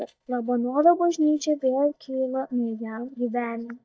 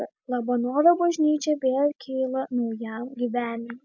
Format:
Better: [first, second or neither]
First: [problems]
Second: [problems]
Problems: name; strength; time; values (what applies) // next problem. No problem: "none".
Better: second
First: noise reduction (neural mask model DeepFilterNet 3)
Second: none